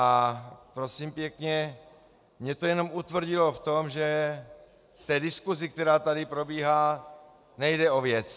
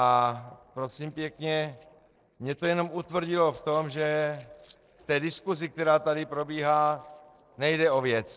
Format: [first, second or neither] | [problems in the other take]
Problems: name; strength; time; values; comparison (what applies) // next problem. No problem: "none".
first | noise reduction (neural separator model SepFormer DNS4)